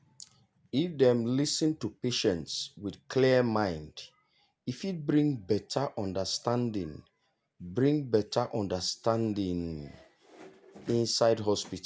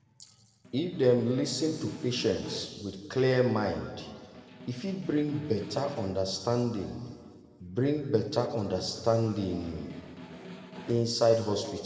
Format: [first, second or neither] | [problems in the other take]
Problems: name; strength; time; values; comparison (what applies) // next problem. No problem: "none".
first | background sound (Snare drum); 19 dB below the speech // room echo; dies away in 1.8 s